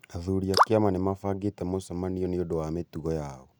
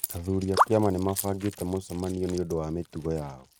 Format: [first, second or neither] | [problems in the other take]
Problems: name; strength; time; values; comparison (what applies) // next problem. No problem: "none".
first | noise reduction (neural mask model RNNoise)